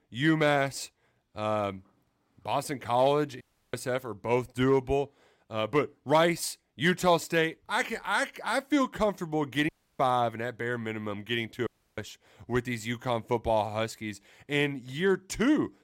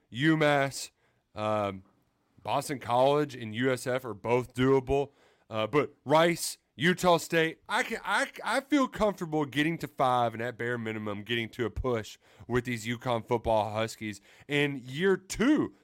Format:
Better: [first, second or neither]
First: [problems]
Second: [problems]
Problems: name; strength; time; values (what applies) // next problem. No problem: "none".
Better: second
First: audio cutting out; at 3.5 s, at 9.5 s and at 12 s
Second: none